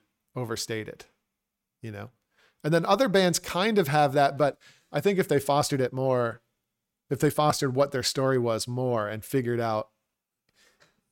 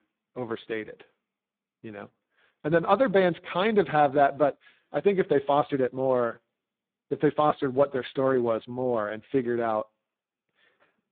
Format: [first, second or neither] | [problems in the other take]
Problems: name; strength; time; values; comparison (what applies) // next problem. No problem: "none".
first | phone-call audio; poor line; nothing above 3.5 kHz